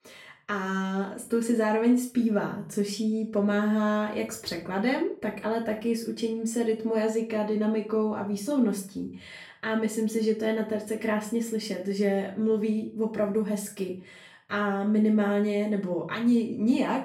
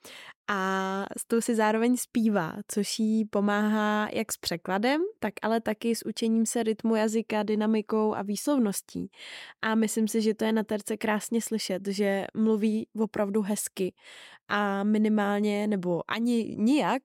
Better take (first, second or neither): second